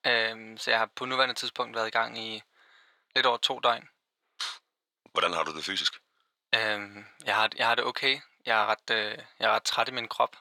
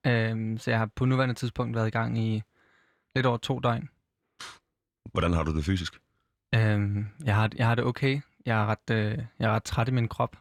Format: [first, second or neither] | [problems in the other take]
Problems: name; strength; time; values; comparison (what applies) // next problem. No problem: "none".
second | thin; very; fading below 700 Hz